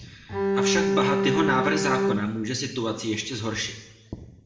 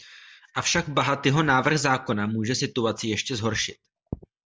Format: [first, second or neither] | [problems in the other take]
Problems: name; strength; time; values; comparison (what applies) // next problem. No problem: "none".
second | background sound (Bowed string instrument); 3 dB above the speech // room echo; dies away in 0.9 s